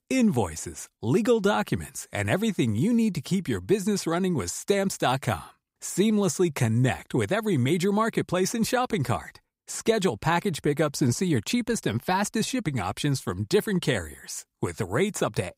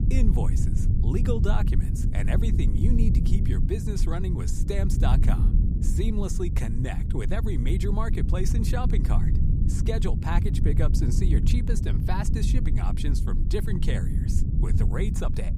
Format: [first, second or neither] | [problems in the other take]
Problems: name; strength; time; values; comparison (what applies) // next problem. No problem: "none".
first | low rumble; loud; throughout; 4 dB below the speech